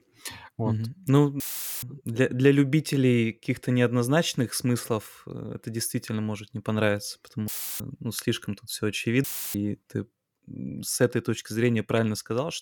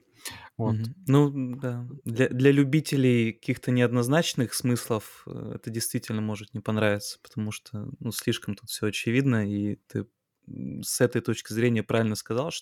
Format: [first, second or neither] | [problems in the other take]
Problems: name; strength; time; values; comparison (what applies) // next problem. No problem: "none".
second | audio cutting out; filled with static; at 1.5 s, at 7.5 s and at 9 s